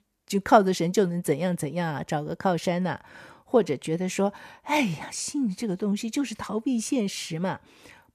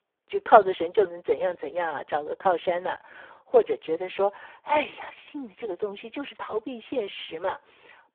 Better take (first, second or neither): first